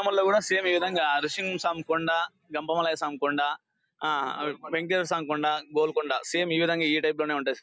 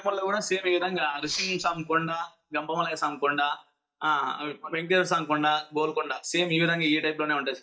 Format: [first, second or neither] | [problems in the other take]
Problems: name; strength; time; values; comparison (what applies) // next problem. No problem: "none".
first | noise reduction (neural mask model DeepFilterNet 3)